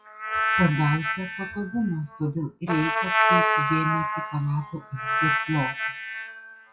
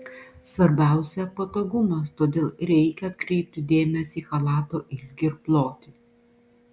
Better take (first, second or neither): second